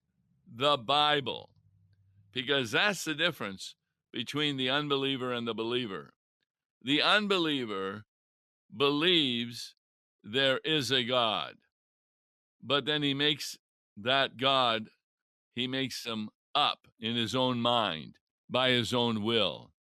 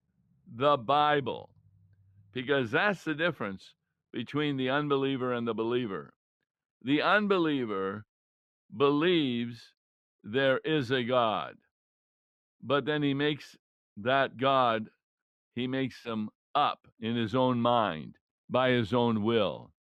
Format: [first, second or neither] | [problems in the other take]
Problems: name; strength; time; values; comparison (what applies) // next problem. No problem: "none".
first | muffled; very; fading above 3 kHz